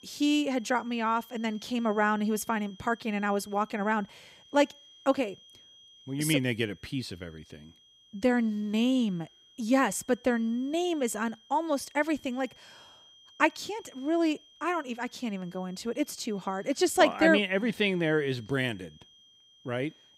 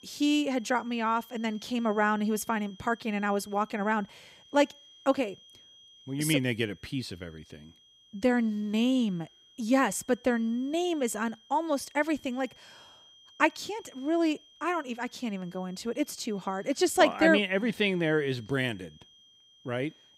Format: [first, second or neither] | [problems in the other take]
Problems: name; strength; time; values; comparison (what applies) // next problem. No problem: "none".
neither | high-pitched whine; faint; throughout; 3 kHz, 25 dB below the speech; the same in both